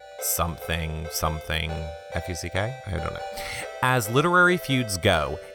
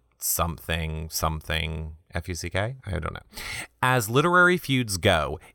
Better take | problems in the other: second | phone ringing; noticeable; peak 10 dB below the speech

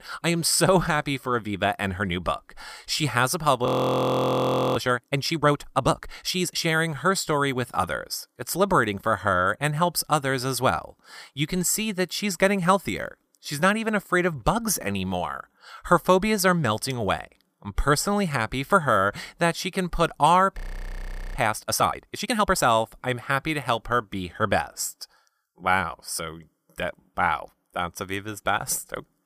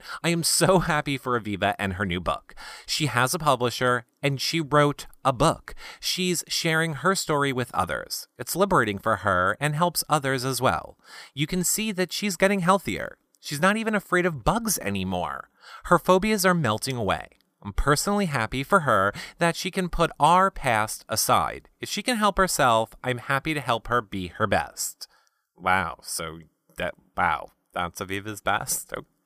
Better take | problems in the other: second | audio freezing; at 3.5 s for 1 s and at 21 s for 1 s

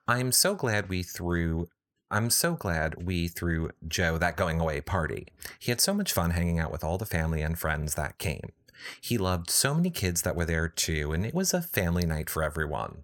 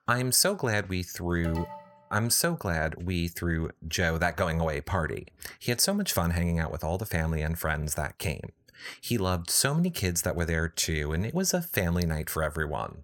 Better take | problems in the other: first | alarm; faint; at 1.5 s; peak 10 dB below the speech

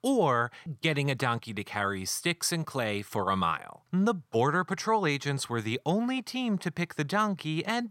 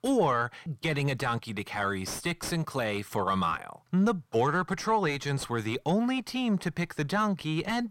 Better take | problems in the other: first | distortion; slight; 10 dB below the speech

